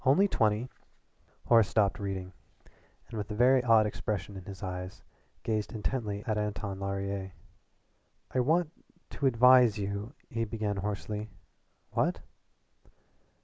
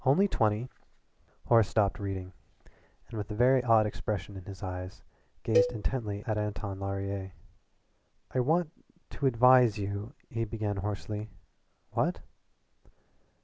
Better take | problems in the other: first | background sound (Cowbell); 4 dB below the speech

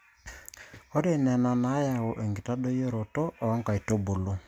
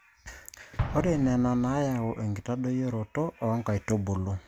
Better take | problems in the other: first | background sound (Explosion); 11 dB below the speech

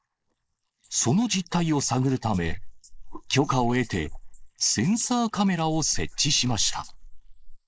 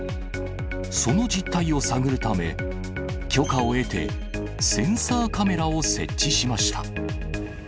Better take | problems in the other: second | noise reduction (neural mask model Resemble Enhance denoiser)

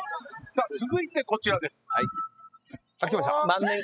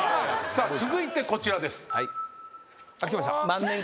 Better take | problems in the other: second | noise reduction (classical method spectral subtraction)

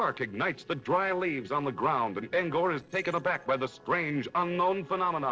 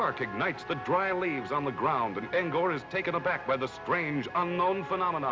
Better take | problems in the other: second | noise reduction (neural separator model SepFormer DNS4)

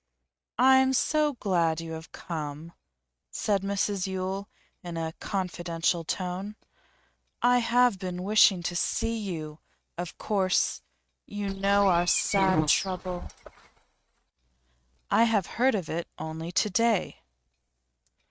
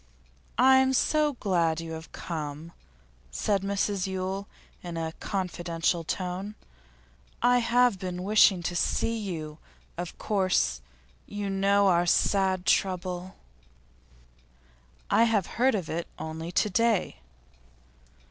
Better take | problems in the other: second | noise reduction (neural mask model RNNoise)

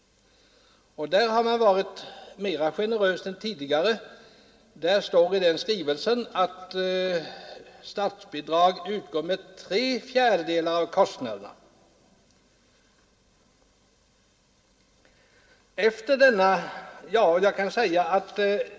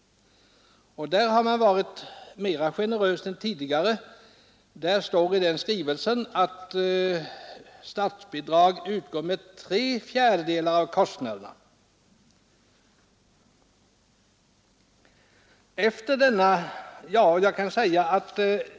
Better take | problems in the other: second | room echo; dies away in 0.3 s

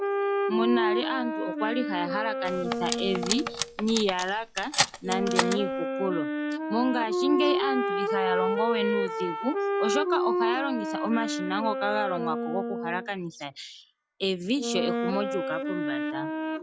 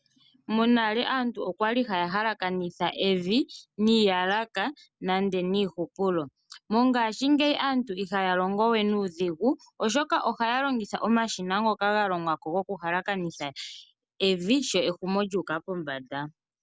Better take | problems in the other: second | noise reduction (classical method log-MMSE)

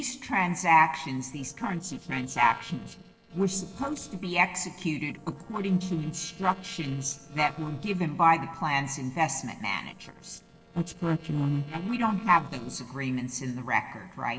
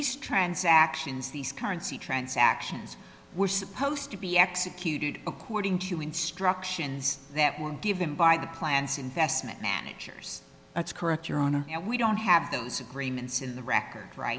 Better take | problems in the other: second | noise reduction (neural separator model SepFormer DNS4)

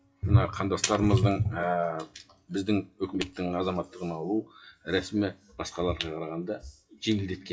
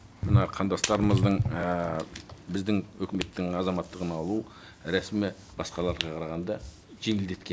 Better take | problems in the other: second | noise reduction (classical method WPE with log-MMSE)

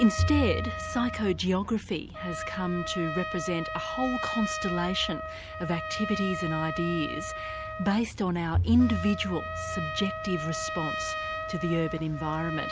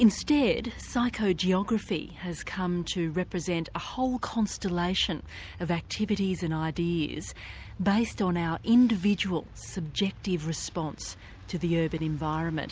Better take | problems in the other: second | background sound (Bowed string instrument + Trumpet); 4 dB below the speech

